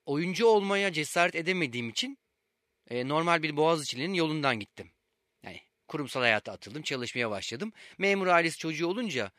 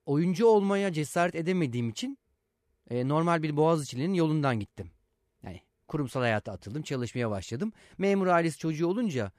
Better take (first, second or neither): second